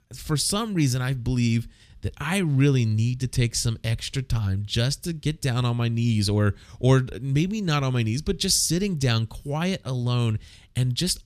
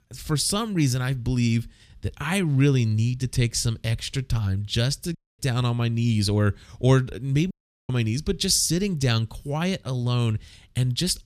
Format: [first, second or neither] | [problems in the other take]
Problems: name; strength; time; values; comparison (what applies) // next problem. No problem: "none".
first | audio cutting out; at 5 s and at 7.5 s